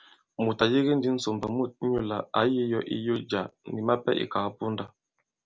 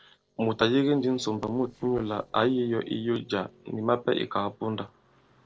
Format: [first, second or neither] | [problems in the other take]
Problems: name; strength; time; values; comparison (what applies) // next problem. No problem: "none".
first | noise reduction (neural separator model SepFormer DNS4)